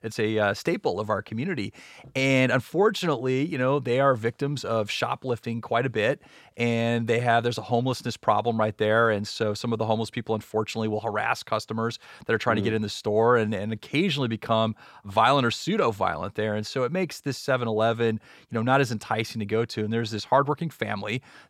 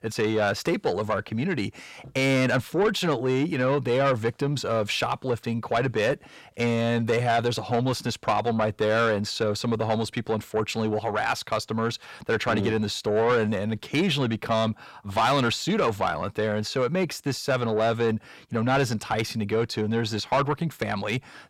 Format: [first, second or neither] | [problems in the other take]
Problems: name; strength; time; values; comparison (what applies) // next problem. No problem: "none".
first | distortion; slight; 10 dB below the speech